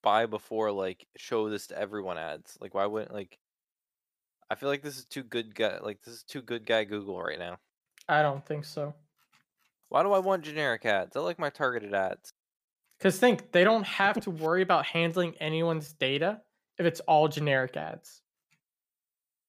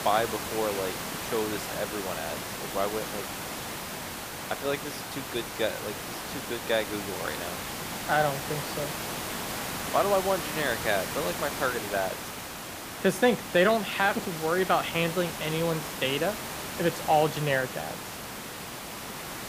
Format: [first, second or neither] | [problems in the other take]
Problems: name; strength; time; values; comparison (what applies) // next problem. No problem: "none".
first | hiss; loud; throughout; 5 dB below the speech